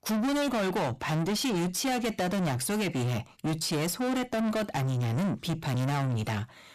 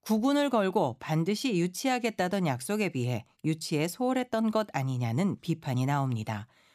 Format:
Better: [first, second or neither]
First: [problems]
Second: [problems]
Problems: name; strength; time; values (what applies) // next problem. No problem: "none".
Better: second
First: distortion; heavy; 6 dB below the speech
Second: none